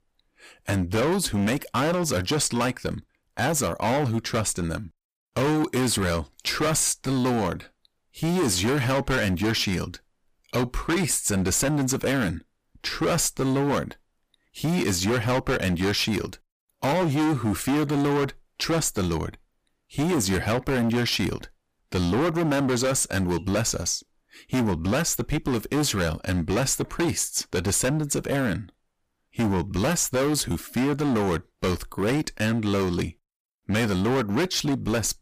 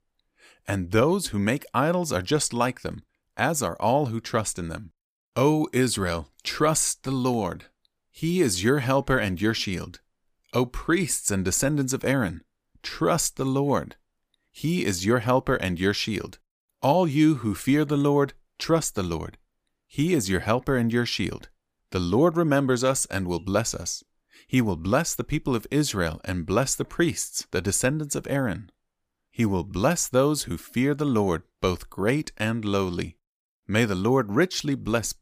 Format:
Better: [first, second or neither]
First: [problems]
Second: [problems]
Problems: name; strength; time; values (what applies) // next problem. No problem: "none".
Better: second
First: distortion; heavy; 21% of the sound clipped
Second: none